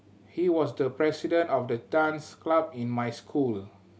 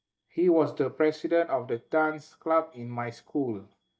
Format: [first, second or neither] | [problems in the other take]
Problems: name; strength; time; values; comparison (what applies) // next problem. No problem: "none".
first | noise reduction (neural mask model DeepFilterNet 3)